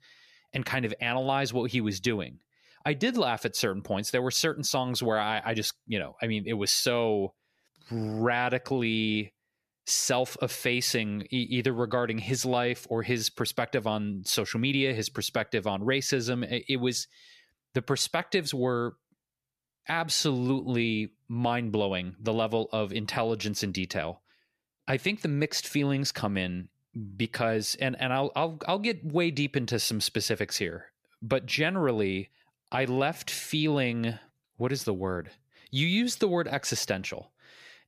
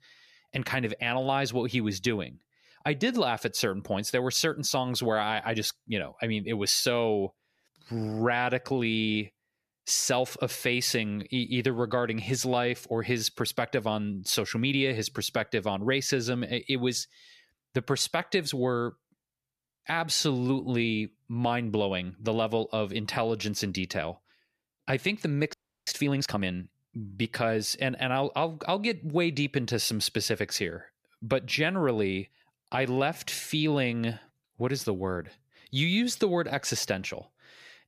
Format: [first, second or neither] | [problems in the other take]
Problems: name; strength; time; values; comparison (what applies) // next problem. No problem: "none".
first | audio freezing; at 26 s